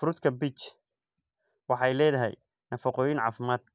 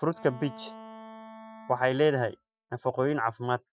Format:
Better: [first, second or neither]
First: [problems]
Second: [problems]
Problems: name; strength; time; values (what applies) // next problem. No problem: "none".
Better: first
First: none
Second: noise reduction (classical method Wiener filter)